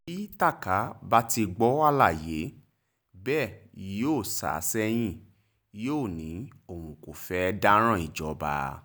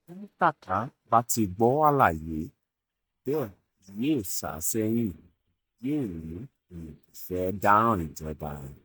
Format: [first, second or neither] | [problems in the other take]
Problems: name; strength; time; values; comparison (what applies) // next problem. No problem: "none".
first | noise reduction (neural mask model DeepFilterNet 3)